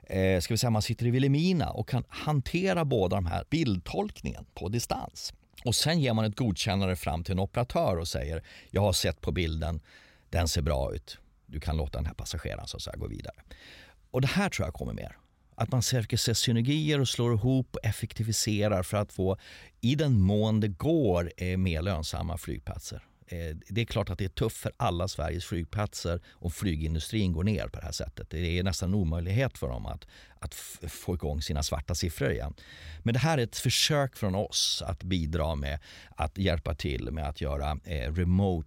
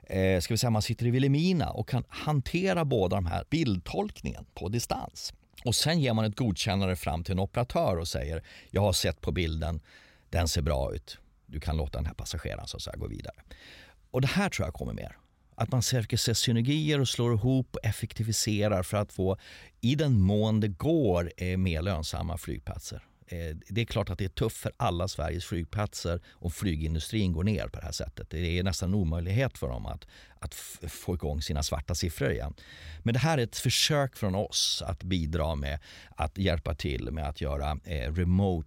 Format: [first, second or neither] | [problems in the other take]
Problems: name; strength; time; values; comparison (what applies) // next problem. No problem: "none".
neither | none